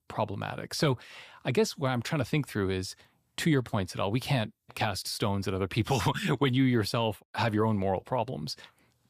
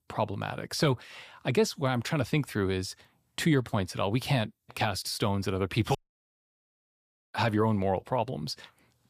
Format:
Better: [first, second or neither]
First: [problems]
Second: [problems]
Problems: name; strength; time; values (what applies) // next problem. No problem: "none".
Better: first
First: none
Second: audio cutting out; at 6 s for 1.5 s